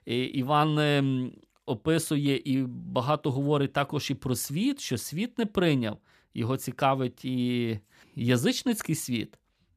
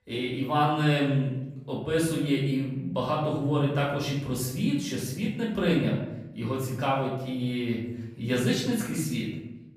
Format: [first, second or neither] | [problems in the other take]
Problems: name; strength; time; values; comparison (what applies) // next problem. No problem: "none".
first | room echo; noticeable; dies away in 0.8 s // off-mic speech; far